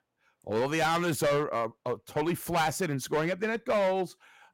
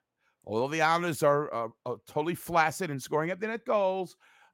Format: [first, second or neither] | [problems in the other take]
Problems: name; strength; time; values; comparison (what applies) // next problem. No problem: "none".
second | distortion; heavy; 11% of the sound clipped